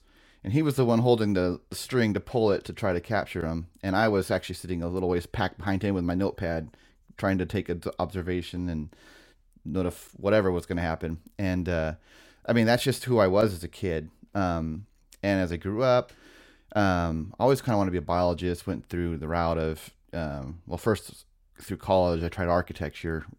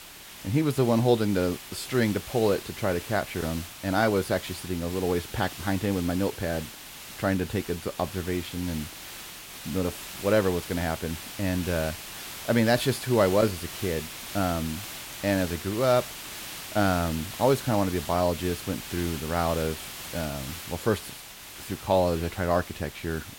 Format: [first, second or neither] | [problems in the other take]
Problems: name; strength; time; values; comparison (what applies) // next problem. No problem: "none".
first | hiss; noticeable; throughout; 10 dB below the speech